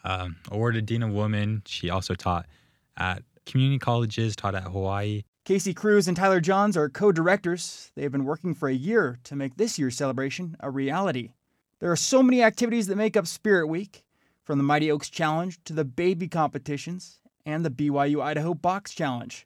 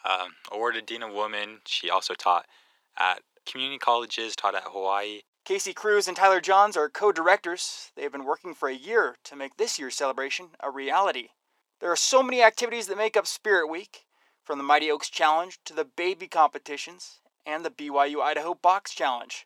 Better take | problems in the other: first | thin; very; fading below 400 Hz

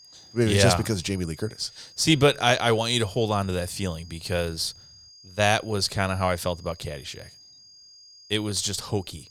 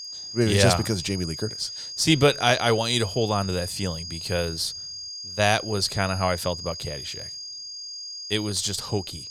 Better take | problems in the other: first | high-pitched whine; loud; throughout; 5 kHz, 9 dB below the speech; faint in the first

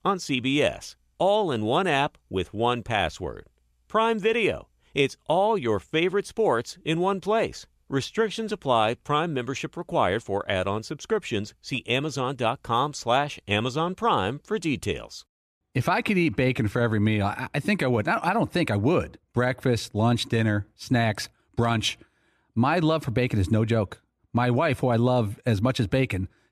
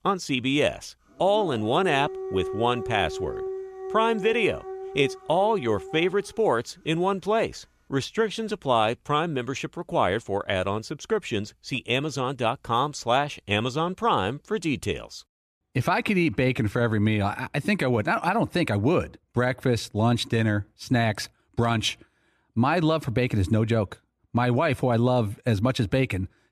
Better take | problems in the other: first | dog barking; noticeable; from 1 to 6.5 s; peak 7 dB below the speech

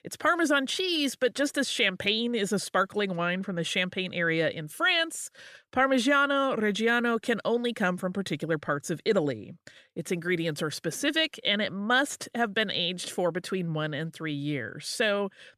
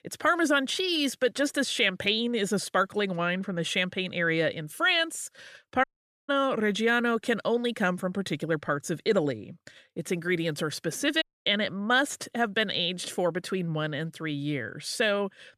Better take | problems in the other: first | audio cutting out; at 6 s and at 11 s

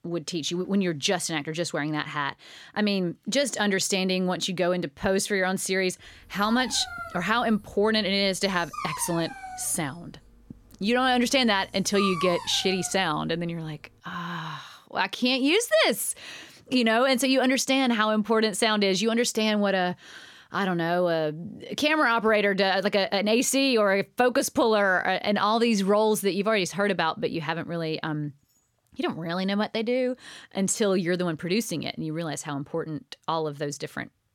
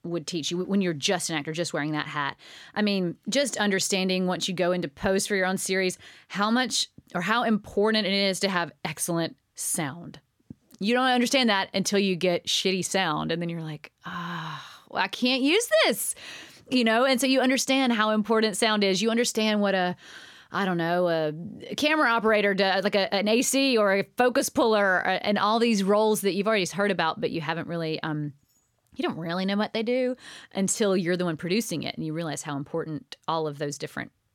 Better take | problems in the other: second | dog barking; noticeable; from 6.5 to 13 s; peak 5 dB below the speech

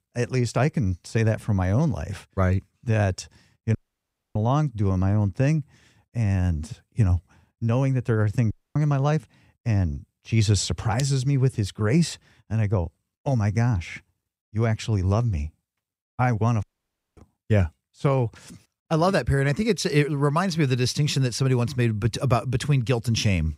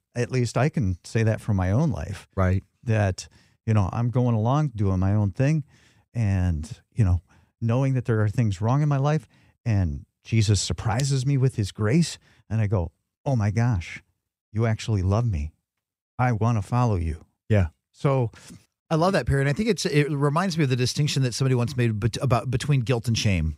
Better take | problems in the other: second | audio cutting out; at 4 s for 0.5 s, at 8.5 s and at 17 s for 0.5 s

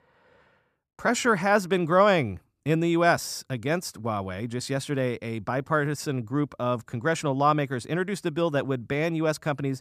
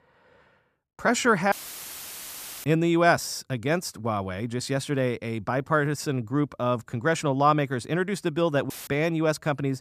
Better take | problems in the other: first | audio cutting out; filled with static; at 1.5 s for 1 s and at 8.5 s

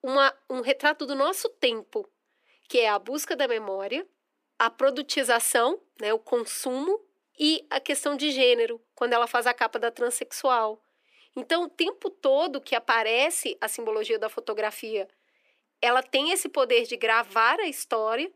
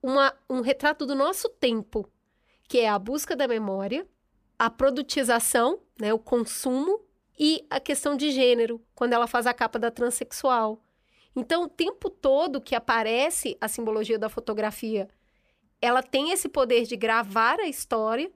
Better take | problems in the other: second | thin; very slightly; fading below 300 Hz

